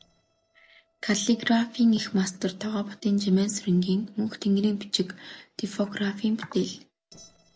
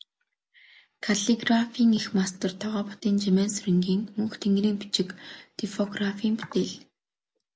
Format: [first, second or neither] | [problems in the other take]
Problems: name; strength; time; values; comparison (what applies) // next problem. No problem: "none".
second | noise reduction (neural separator model SepFormer DNS4)